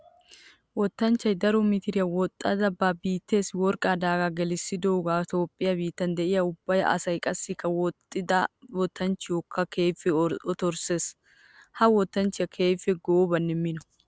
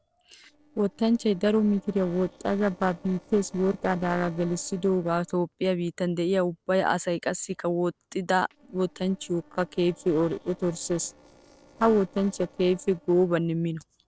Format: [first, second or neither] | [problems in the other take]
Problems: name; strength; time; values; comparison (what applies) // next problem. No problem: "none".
first | noise reduction (neural separator model SepFormer DNS4)